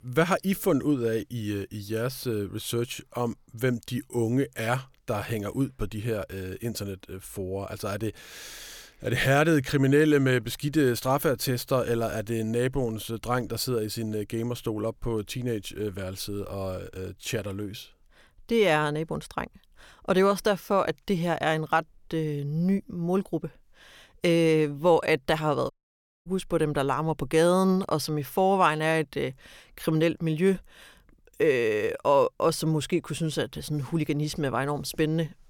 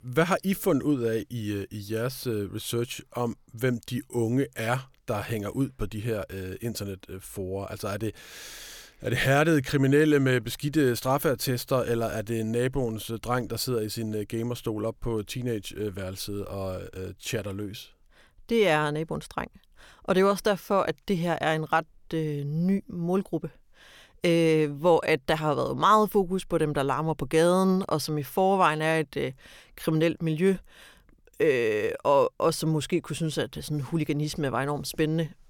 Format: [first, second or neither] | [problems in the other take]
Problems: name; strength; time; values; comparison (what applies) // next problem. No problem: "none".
second | audio cutting out; at 26 s for 0.5 s